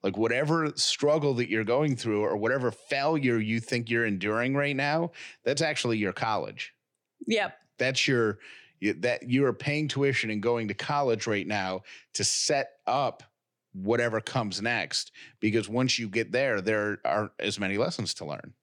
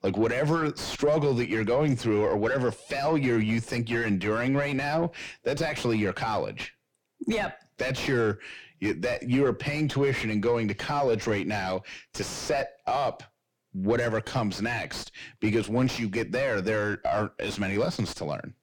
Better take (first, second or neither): first